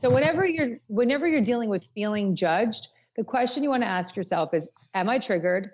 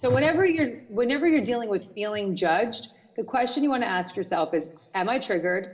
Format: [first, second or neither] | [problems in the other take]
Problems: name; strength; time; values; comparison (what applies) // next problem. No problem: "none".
first | room echo; dies away in 0.7 s